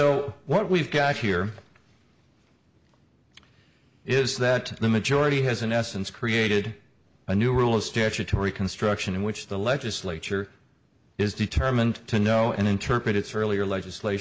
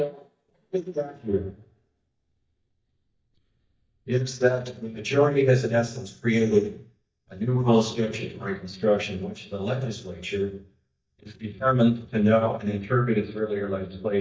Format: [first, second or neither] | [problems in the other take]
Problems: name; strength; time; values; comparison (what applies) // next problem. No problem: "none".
first | noise reduction (neural mask model DeepFilterNet 3)